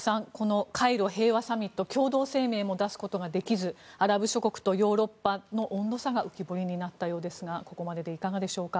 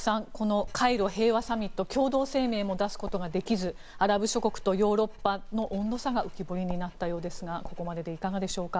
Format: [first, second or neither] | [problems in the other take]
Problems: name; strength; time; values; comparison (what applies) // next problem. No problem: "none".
first | background sound (Writing); 10 dB below the speech